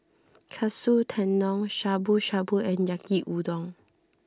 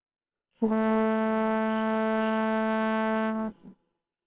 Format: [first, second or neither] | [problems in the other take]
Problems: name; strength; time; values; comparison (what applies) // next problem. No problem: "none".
first | noise reduction (neural separator model SepFormer WHAMR!)